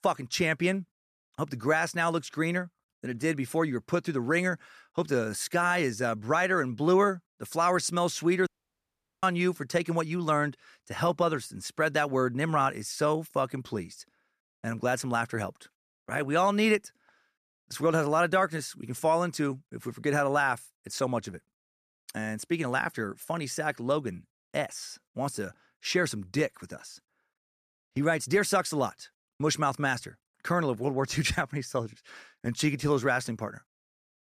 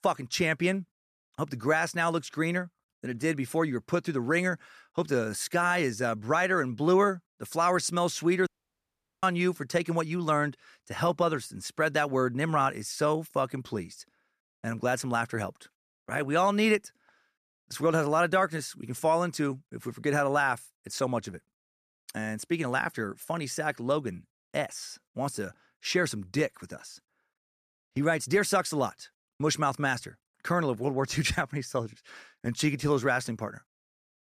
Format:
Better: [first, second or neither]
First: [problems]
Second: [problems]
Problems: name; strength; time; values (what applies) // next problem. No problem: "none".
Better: neither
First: audio cutting out; at 8.5 s for 1 s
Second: audio cutting out; at 8.5 s for 1 s